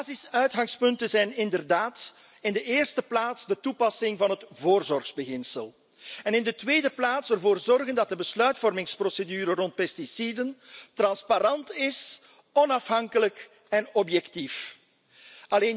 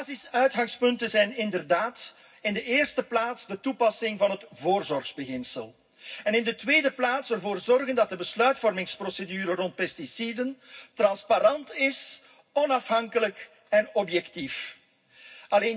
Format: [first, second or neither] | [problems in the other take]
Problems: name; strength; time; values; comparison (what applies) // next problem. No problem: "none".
first | room echo; dies away in 0.4 s